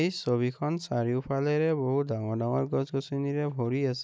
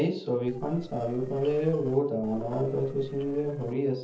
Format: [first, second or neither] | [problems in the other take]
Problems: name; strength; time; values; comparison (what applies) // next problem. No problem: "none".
first | noise reduction (neural separator model SepFormer DNS4)